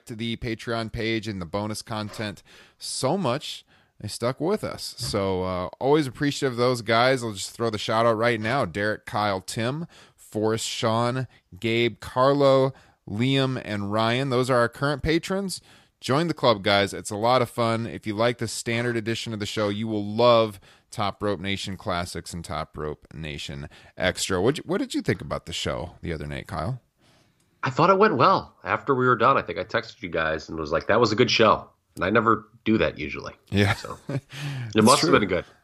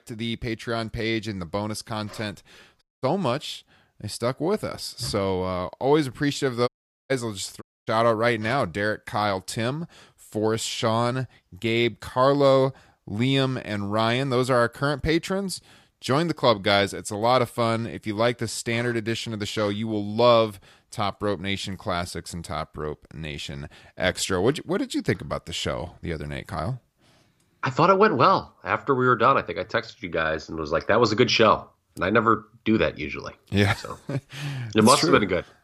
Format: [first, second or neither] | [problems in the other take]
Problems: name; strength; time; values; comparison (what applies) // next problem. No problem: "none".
first | audio cutting out; at 3 s, at 6.5 s and at 7.5 s